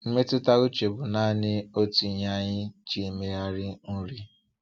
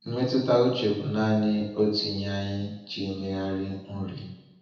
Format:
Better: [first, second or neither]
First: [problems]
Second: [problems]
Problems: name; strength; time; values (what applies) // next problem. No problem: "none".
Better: first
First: none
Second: room echo; dies away in 0.9 s